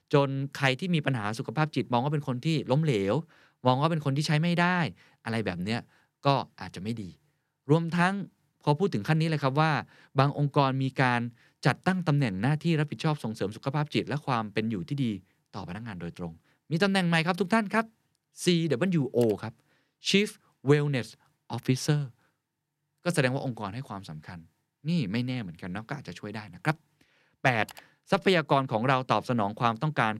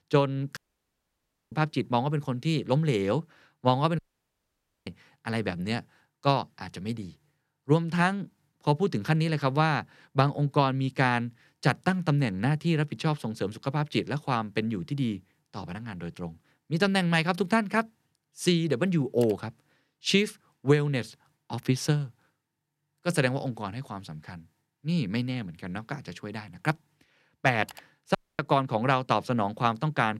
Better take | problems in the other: first | audio cutting out; at 0.5 s for 1 s, at 4 s for 1 s and at 28 s

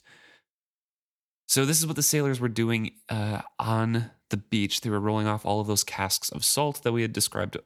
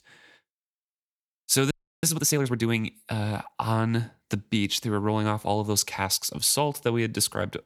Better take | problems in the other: first | audio freezing; at 1.5 s

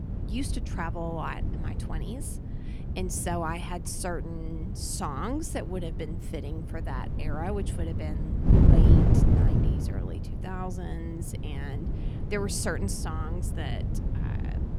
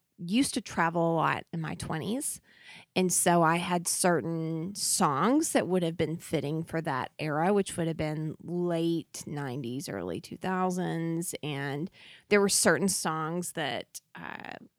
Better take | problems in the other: second | wind noise on the microphone; heavy; 3 dB below the speech

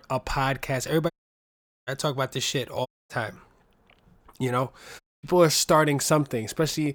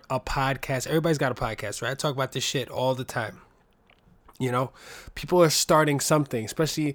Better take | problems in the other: second | audio cutting out; at 1 s for 1 s, at 3 s and at 5 s

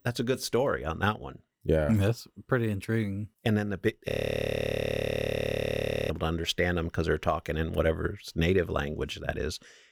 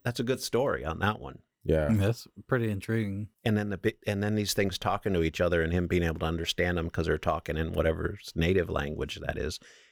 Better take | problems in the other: second | audio freezing; at 4 s for 2 s

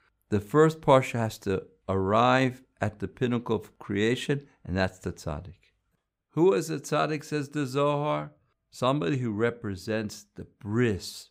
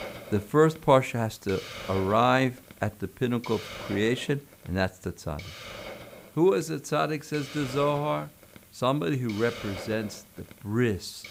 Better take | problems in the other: first | hiss; noticeable; throughout; 15 dB below the speech

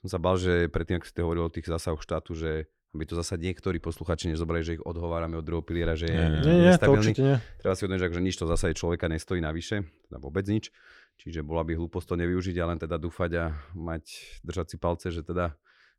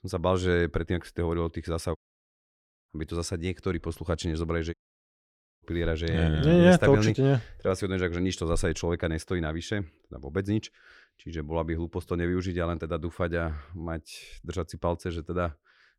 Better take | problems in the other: first | audio cutting out; at 2 s for 1 s and at 4.5 s for 1 s

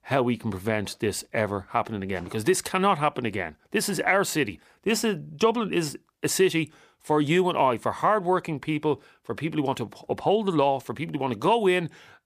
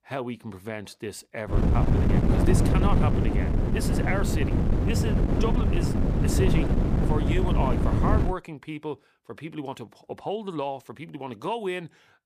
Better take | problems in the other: first | wind noise on the microphone; heavy; from 1.5 to 8.5 s; 1 dB above the speech

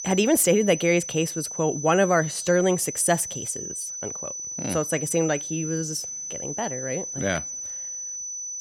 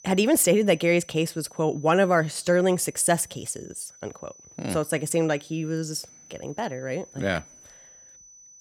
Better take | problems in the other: second | high-pitched whine; loud; throughout; 6 kHz, 7 dB below the speech; faint in the second

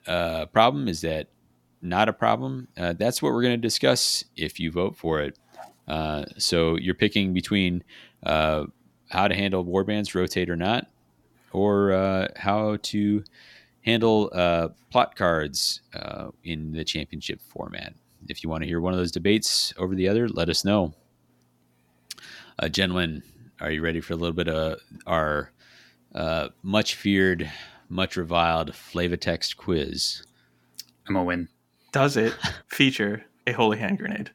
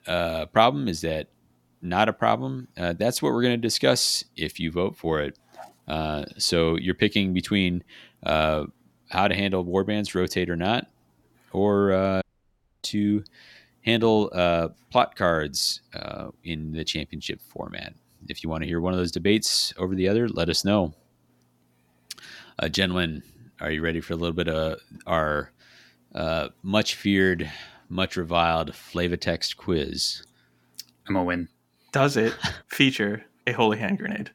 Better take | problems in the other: first | audio cutting out; at 12 s for 0.5 s

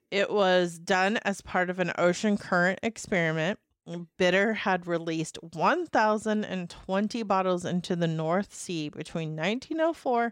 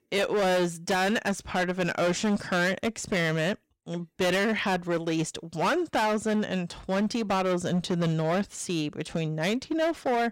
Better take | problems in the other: first | distortion; heavy; 16% of the sound clipped

